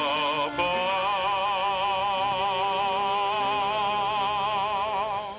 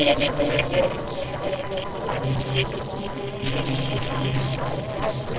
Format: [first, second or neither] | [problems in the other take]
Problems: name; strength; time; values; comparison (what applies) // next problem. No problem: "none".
first | noise reduction (neural separator model SepFormer DNS4)